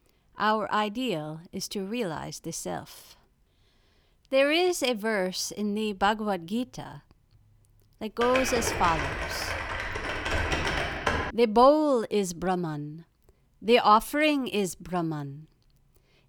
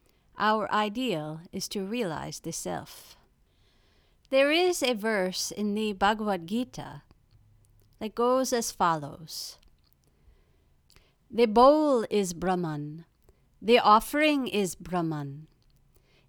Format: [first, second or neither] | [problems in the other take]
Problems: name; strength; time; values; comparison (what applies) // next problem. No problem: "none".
second | keyboard typing; noticeable; from 8 to 11 s; peak 1 dB below the speech